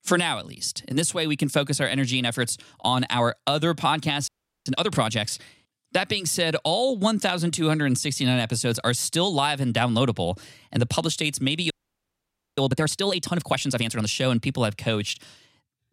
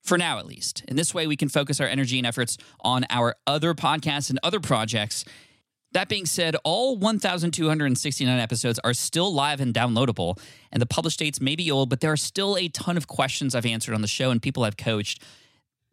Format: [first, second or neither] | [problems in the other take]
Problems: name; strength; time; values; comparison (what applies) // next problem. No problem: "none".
second | audio freezing; at 4.5 s and at 12 s for 1 s